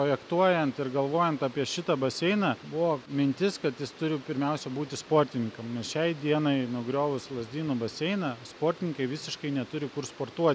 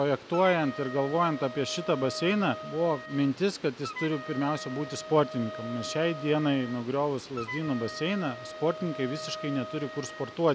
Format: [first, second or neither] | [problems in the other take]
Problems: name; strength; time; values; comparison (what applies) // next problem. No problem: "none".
first | background sound (Wind instrument, woodwind instrument); 12 dB below the speech